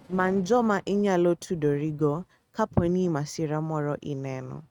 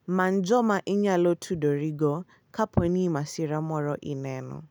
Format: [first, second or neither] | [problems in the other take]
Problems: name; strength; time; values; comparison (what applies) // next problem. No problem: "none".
second | noise reduction (neural mask model RNNoise)